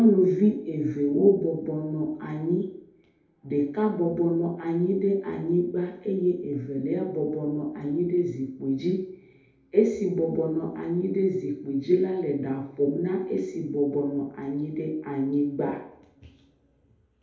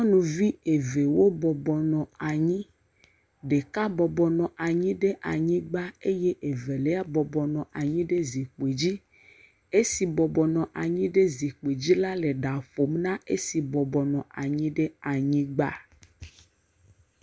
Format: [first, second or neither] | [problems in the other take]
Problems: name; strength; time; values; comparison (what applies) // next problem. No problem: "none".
second | room echo; dies away in 2.1 s